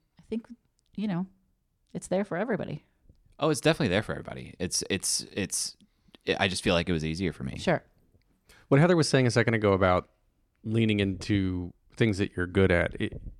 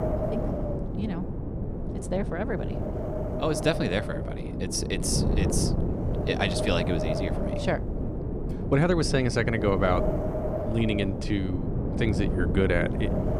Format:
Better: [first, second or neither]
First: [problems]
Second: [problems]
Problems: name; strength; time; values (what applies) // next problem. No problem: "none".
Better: first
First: none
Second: wind noise on the microphone; heavy; 4 dB below the speech